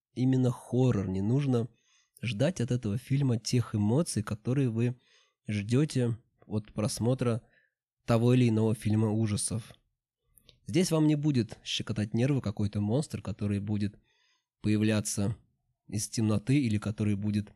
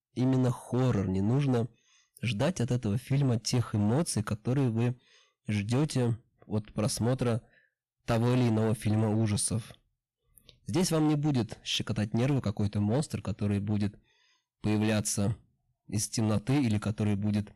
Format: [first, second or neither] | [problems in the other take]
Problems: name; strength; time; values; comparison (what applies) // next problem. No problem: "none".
first | distortion; slight; 11% of the sound clipped